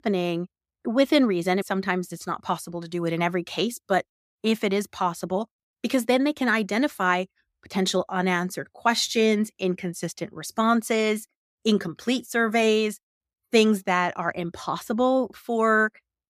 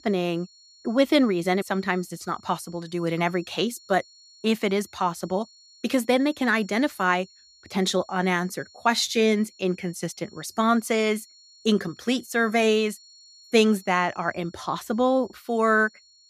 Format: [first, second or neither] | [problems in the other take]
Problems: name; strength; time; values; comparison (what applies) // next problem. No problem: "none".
first | high-pitched whine; faint; throughout; 4.5 kHz, 25 dB below the speech